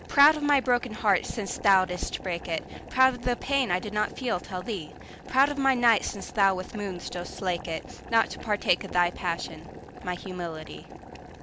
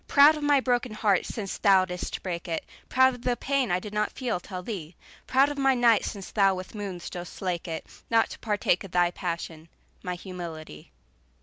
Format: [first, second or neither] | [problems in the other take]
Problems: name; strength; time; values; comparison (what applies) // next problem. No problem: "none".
second | background sound (Boiling); 14 dB below the speech